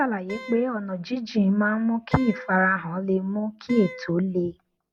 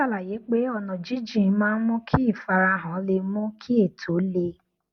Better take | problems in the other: second | background sound (Wind instrument, woodwind instrument); 18 dB below the speech

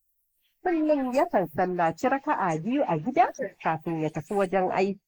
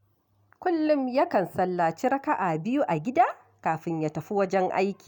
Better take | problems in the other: second | noise reduction (neural mask model Resemble Enhance denoiser)

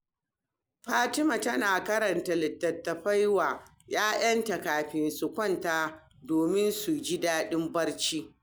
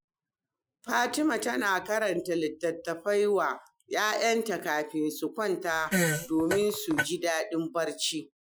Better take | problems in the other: first | noise reduction (classical method Wiener filter)

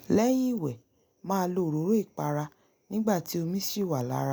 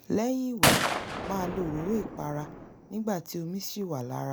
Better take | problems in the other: first | background sound (Gunshot, gunfire); 1 dB above the speech

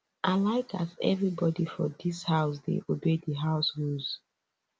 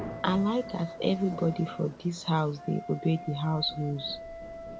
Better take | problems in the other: first | background sound (Wind instrument, woodwind instrument + Thunder / Rain); 12 dB below the speech

